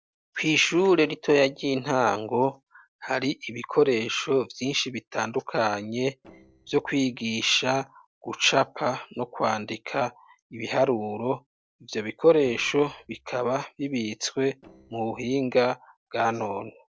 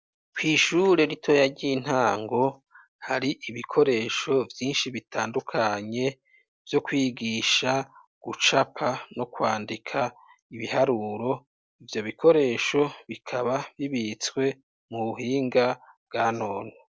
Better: second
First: noise reduction (neural separator model SepFormer DNS4)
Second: none

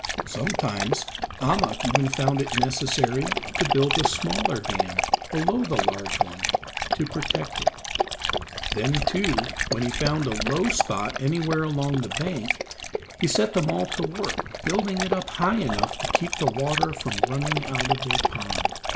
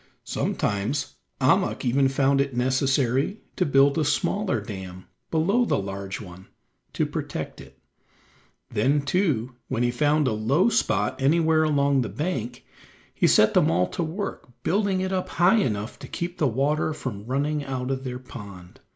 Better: second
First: background sound (Dog); as loud as the speech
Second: none

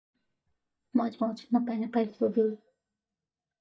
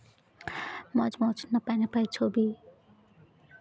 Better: second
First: noise reduction (neural mask model DeepFilterNet 3)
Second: none

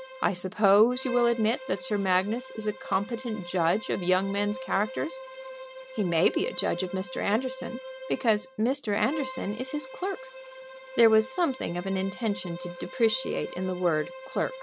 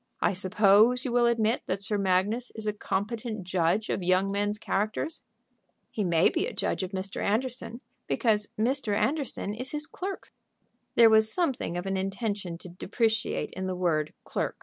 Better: second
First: background sound (Bowed string instrument); 14 dB below the speech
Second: none

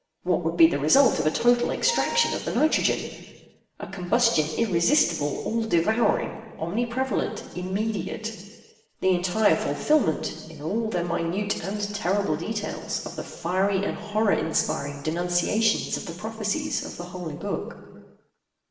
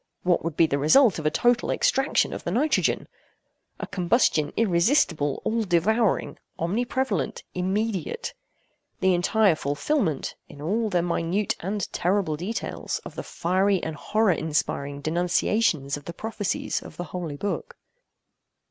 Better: second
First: background sound (Wind instrument, woodwind instrument); 10 dB below the speech // room echo; dies away in 1.3 s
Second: none

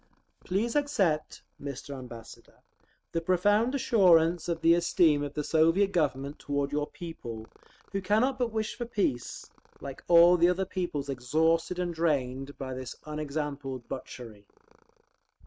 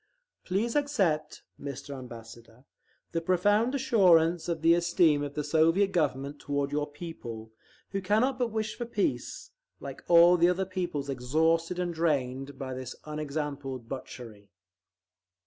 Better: second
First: noise reduction (neural mask model RNNoise)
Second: none

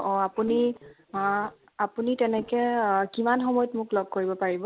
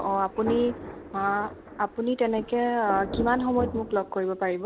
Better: first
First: none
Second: background sound (Thunder); 11 dB below the speech

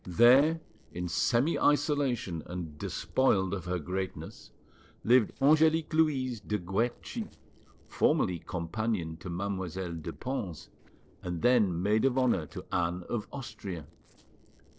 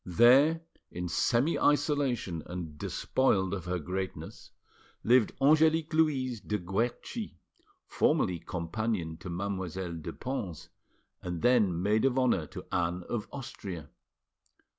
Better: second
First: noise reduction (neural separator model SepFormer DNS4)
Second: none

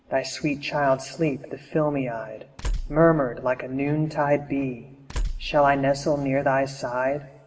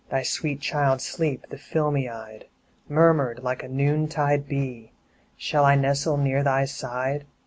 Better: second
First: background sound (Tools); 10 dB below the speech // room echo; dies away in 1.2 s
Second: none

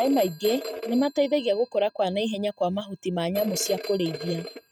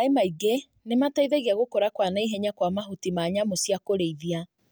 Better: second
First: noise reduction (neural mask model RNNoise)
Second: none

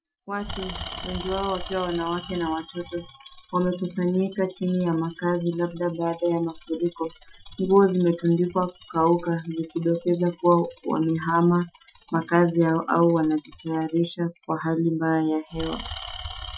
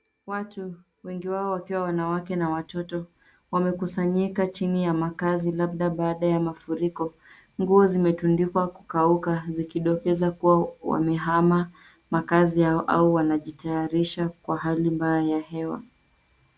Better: second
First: noise reduction (classical method Wiener filter)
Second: none

